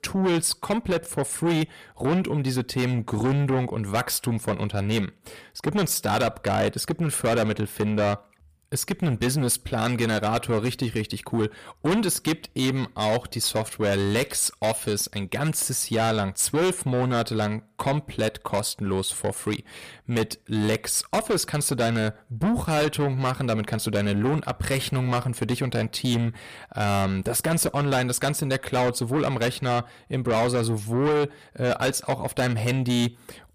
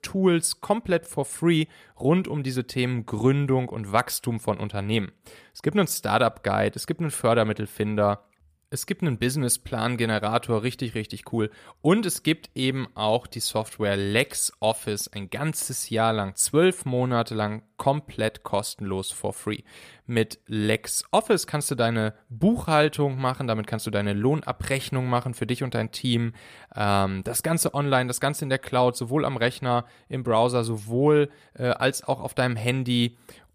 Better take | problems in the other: second | distortion; heavy; 7 dB below the speech

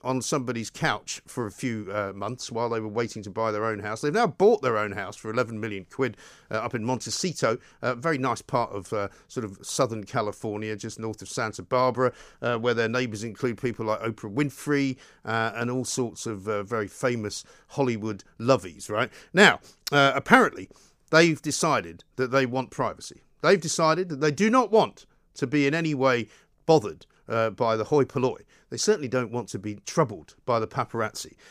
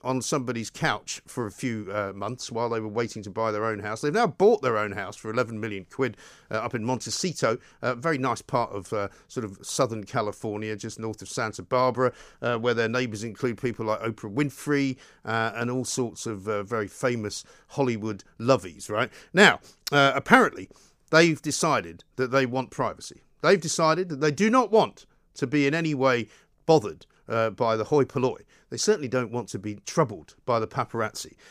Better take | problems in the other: neither | none

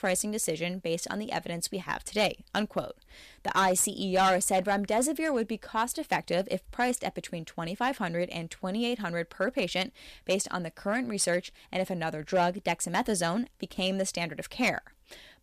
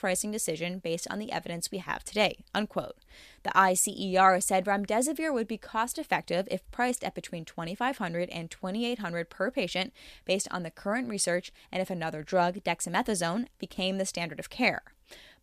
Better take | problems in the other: second | distortion; slight; 2% of the sound clipped

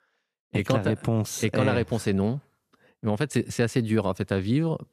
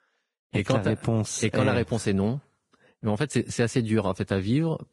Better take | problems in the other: first | garbled, watery; badly; nothing above 10.5 kHz

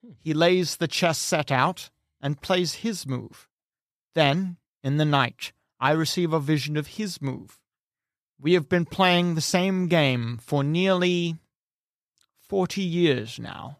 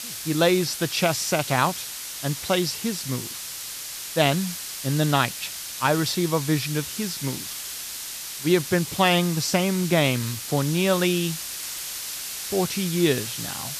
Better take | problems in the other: first | hiss; loud; throughout; 7 dB below the speech

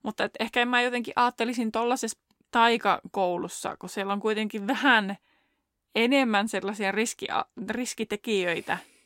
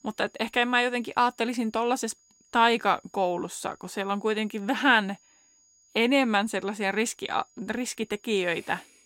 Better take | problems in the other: first | high-pitched whine; faint; throughout; 6.5 kHz, 35 dB below the speech

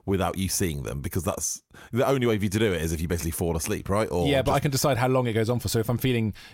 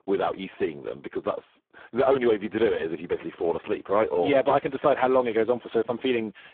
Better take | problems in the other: first | phone-call audio; poor line

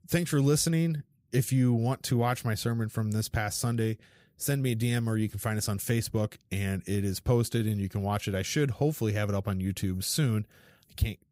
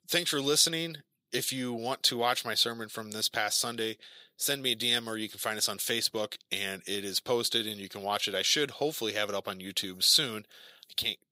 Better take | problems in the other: first | thin; very; fading below 450 Hz

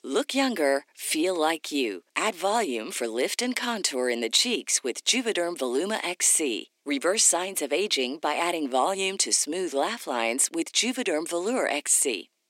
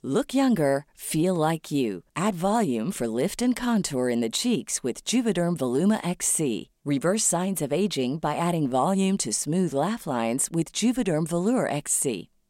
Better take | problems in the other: second | thin; somewhat; fading below 300 Hz

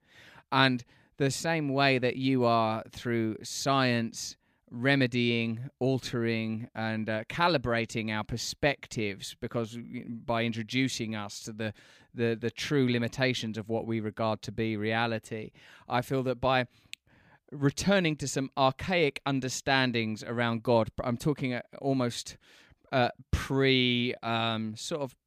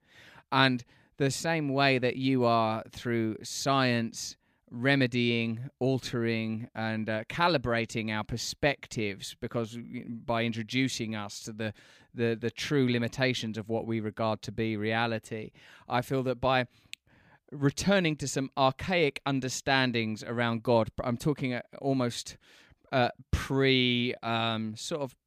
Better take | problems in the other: neither | none

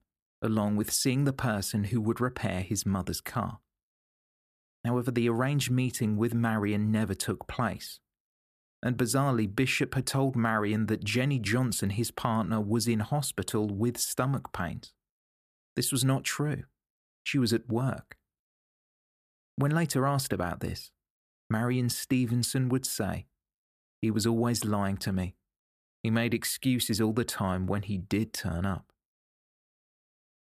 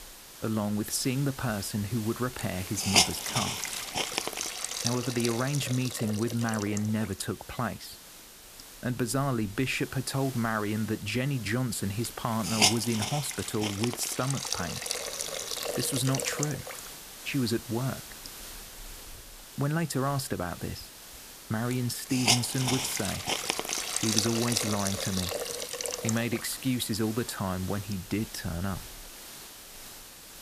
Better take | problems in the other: first | hiss; loud; throughout; 1 dB below the speech

